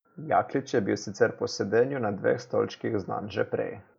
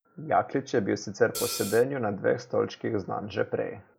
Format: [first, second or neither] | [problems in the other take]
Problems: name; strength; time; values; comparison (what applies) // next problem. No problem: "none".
first | background sound (Hi-hat); 7 dB below the speech